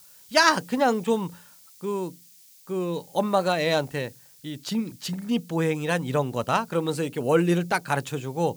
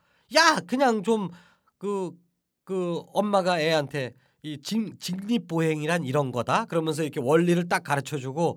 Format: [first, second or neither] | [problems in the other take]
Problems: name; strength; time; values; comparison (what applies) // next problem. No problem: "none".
second | hiss; faint; throughout; 25 dB below the speech